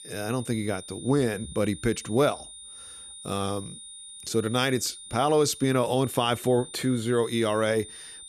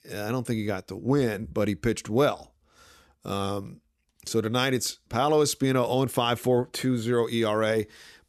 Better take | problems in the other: second | high-pitched whine; noticeable; throughout; 9 kHz, 15 dB below the speech

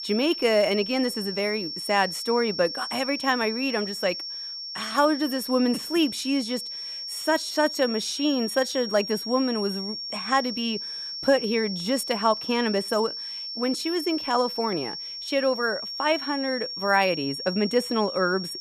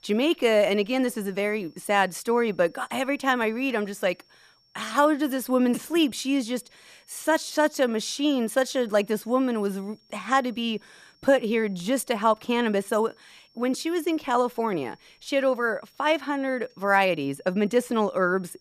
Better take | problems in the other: second | high-pitched whine; loud; throughout; 5.5 kHz, 6 dB below the speech; faint in the second

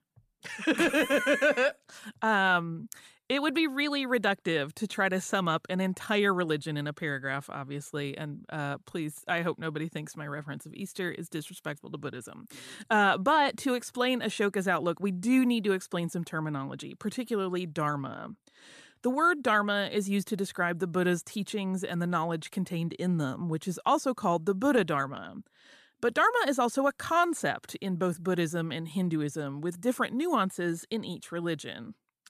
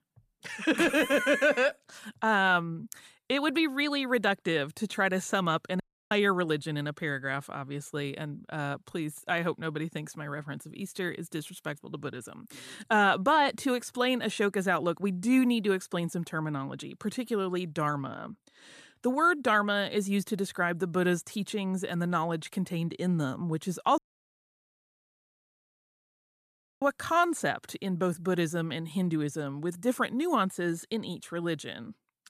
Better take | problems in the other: first | audio cutting out; at 6 s and at 24 s for 3 s

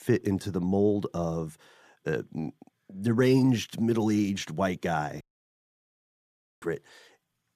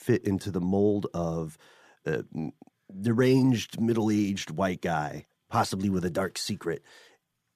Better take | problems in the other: second | audio cutting out; at 5 s for 1.5 s

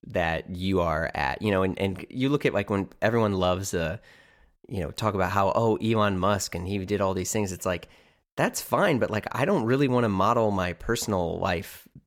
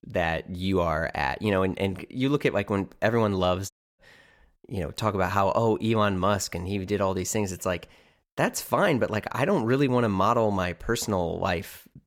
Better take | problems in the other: first | audio cutting out; at 3.5 s

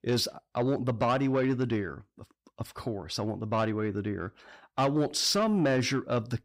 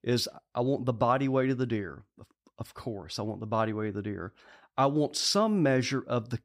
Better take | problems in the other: second | distortion; slight; 10 dB below the speech

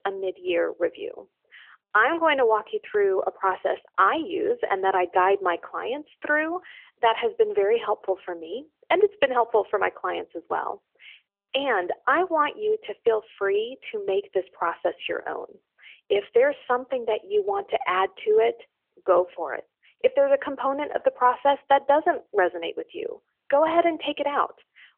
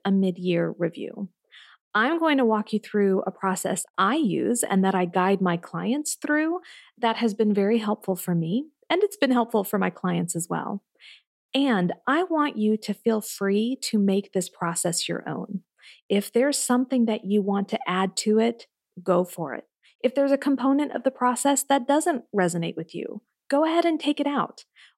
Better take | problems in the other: second | phone-call audio; nothing above 3.5 kHz

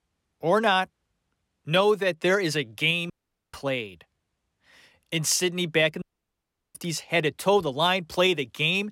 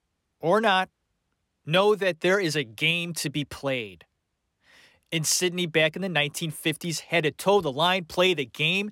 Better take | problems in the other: second | audio cutting out; at 3 s and at 6 s for 0.5 s

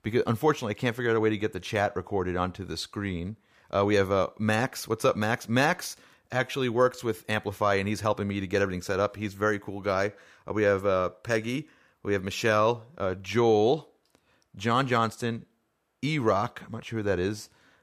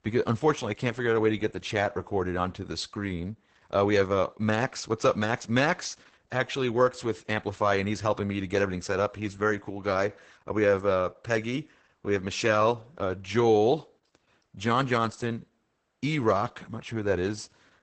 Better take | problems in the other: first | garbled, watery; badly; nothing above 8 kHz

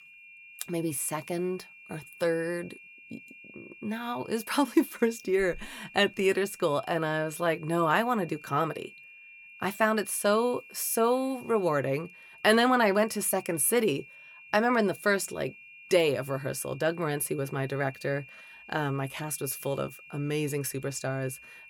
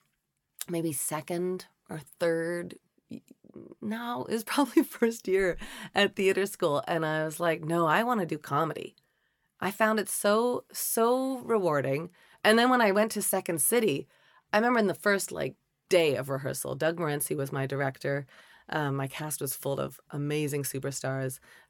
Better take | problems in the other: second | high-pitched whine; faint; throughout; 2.5 kHz, 20 dB below the speech

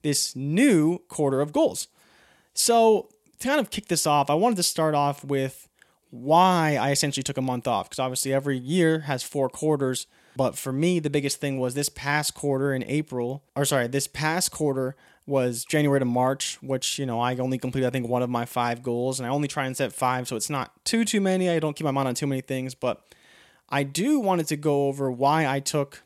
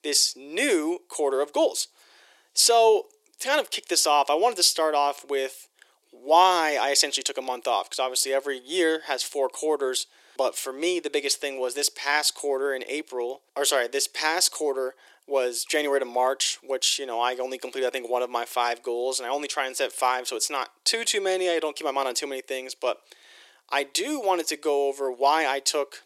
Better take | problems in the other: first | thin; very; fading below 350 Hz

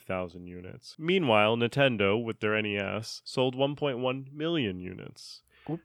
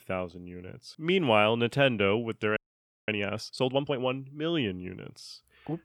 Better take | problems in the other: first | audio freezing; at 2.5 s for 0.5 s

